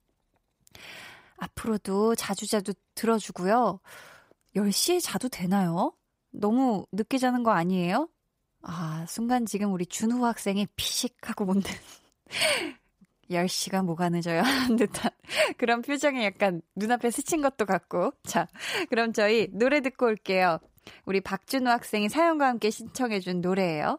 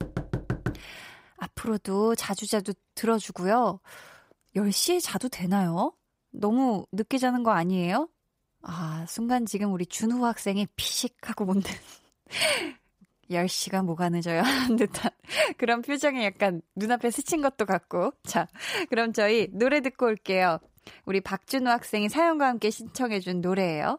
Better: first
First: none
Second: door banging; noticeable; at the start; peak 5 dB below the speech

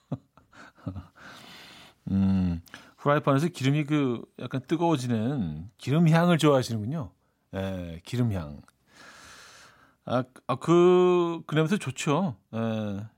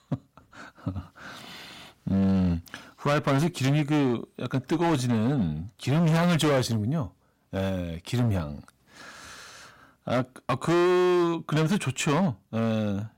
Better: first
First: none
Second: distortion; heavy; 14% of the sound clipped

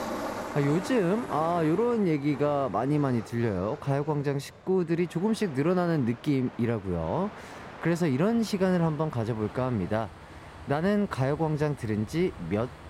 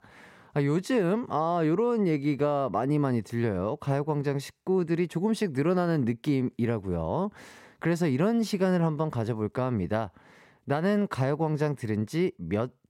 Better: second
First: train or aircraft noise; noticeable; throughout; 15 dB below the speech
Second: none

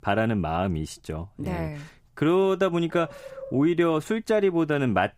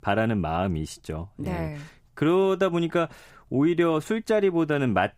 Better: second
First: dog barking; faint; at 3 s; peak 15 dB below the speech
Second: none

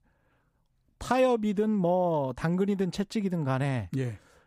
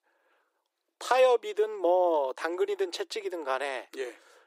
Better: first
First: none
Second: thin; very; fading below 350 Hz

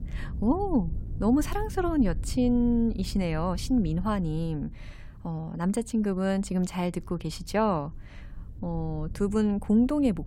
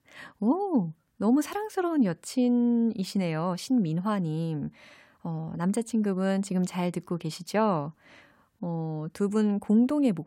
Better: second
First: low rumble; faint; throughout; 20 dB below the speech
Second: none

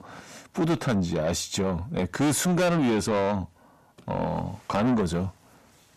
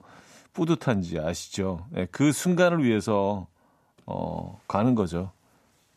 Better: second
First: distortion; heavy; 6 dB below the speech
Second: none

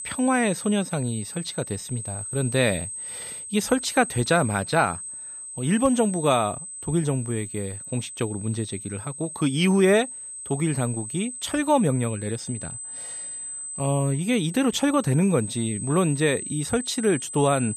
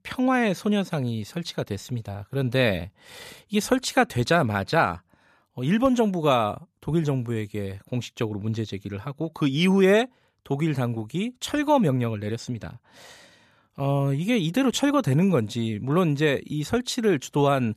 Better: second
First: high-pitched whine; loud; throughout; 8 kHz, 9 dB below the speech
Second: none

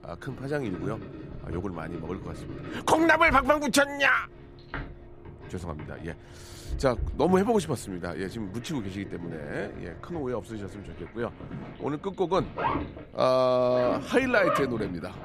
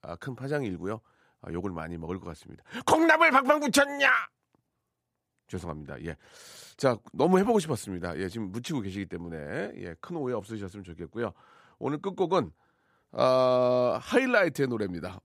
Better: second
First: household noises; noticeable; throughout; 10 dB below the speech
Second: none

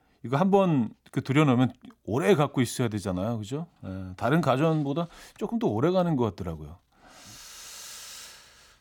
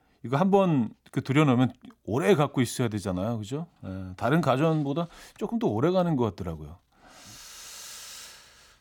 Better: neither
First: none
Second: none

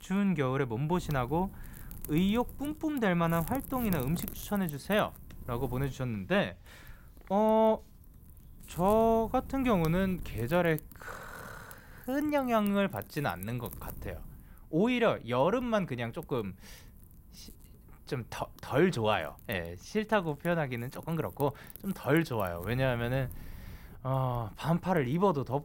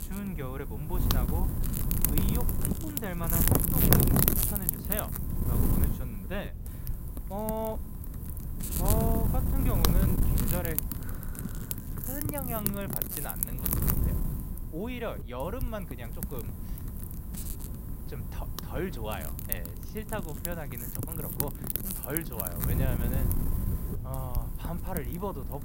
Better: first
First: wind noise on the microphone; occasional gusts; 25 dB below the speech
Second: wind noise on the microphone; heavy; 2 dB above the speech

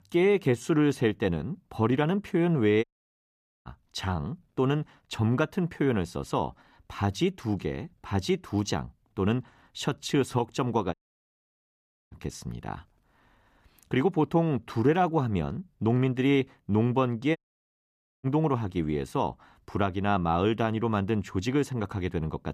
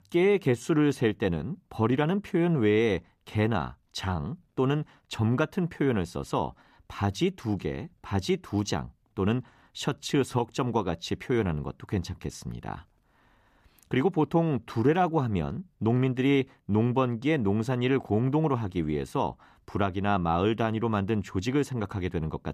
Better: second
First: audio cutting out; at 3 s for 1 s, at 11 s for 1 s and at 17 s for 1 s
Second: none

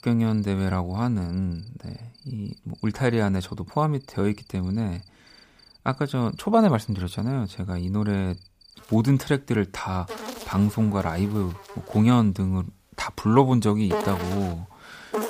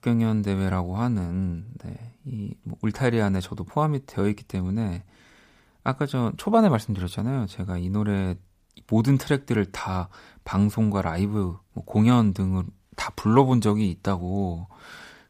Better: second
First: animal sounds; noticeable; throughout; 10 dB below the speech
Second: none

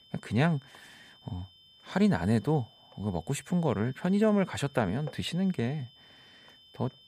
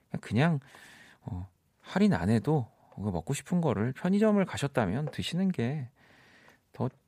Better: second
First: high-pitched whine; faint; throughout; 3 kHz, 25 dB below the speech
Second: none

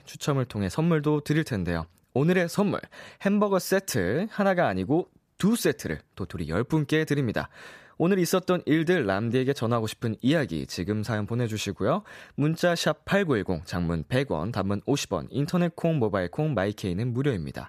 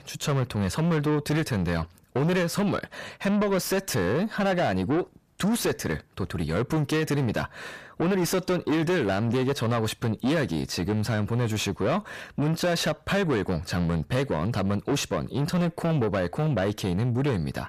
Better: first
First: none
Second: distortion; heavy; 8 dB below the speech

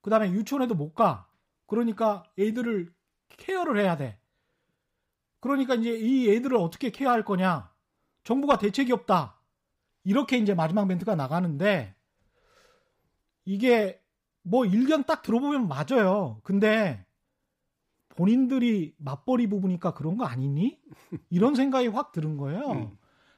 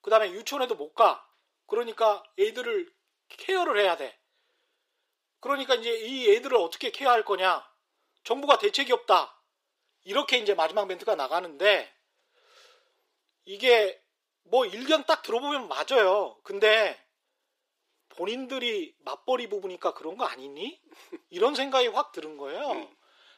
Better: first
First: none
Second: thin; very; fading below 350 Hz

